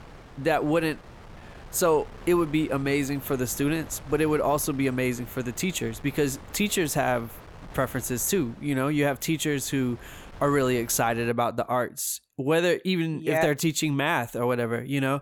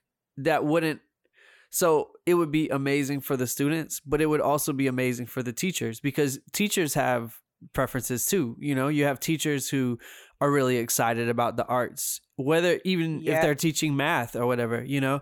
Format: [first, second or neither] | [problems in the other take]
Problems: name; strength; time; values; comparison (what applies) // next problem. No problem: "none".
second | wind noise on the microphone; occasional gusts; until 11 s; 20 dB below the speech